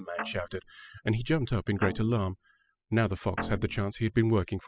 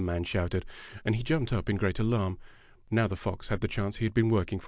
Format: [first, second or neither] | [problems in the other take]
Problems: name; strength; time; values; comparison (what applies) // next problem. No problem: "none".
second | noise reduction (classical method spectral subtraction)